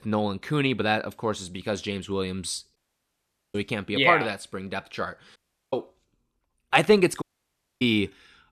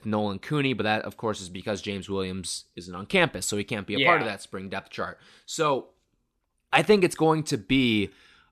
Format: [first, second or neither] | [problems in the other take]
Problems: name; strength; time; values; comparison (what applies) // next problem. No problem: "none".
second | audio cutting out; at 3 s for 1 s, at 5.5 s and at 7 s for 0.5 s